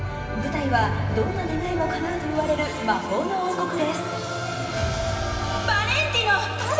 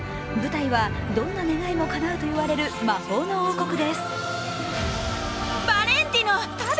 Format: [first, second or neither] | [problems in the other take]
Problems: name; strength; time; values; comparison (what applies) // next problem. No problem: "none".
second | room echo; dies away in 2.5 s